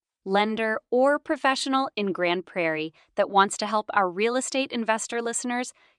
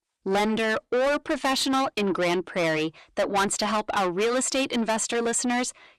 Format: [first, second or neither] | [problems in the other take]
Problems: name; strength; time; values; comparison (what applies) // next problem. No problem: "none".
first | distortion; heavy; 6 dB below the speech